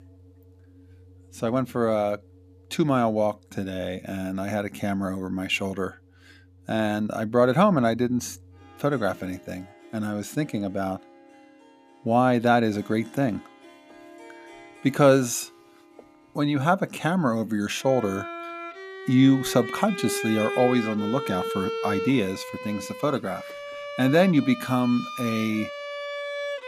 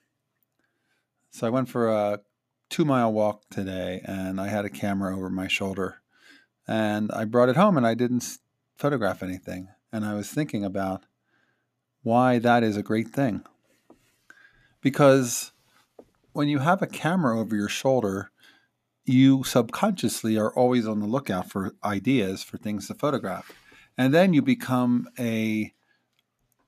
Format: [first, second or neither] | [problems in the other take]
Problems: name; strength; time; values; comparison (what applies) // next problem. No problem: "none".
second | background music; loud; throughout; 10 dB below the speech